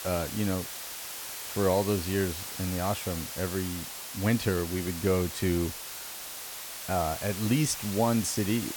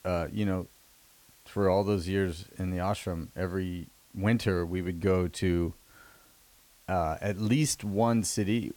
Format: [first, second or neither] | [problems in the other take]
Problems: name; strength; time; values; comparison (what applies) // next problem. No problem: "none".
second | hiss; loud; throughout; 7 dB below the speech; faint in the second